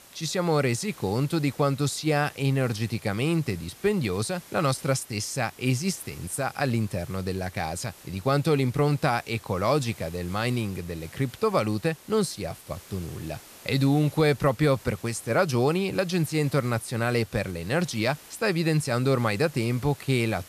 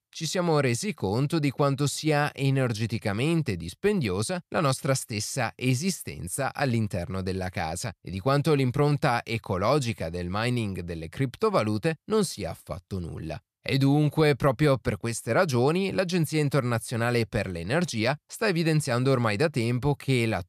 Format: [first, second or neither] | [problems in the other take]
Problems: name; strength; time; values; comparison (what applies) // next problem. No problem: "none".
second | hiss; faint; throughout; 20 dB below the speech